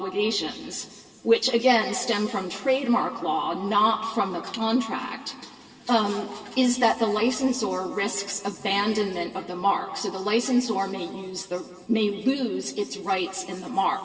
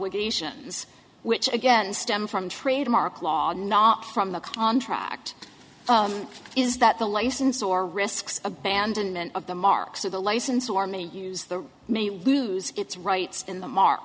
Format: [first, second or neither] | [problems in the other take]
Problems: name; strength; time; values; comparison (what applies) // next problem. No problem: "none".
second | room echo; dies away in 2 s